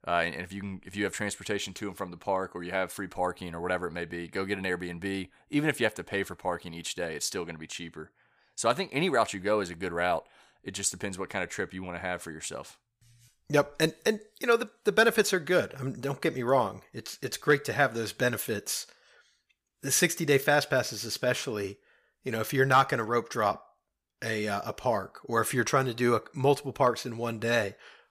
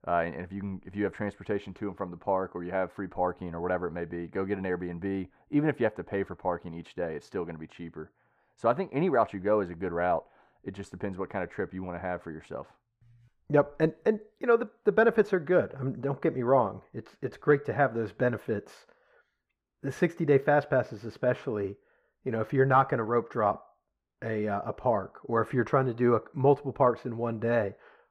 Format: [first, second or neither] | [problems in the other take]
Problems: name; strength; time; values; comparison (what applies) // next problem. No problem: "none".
first | muffled; very; fading above 3 kHz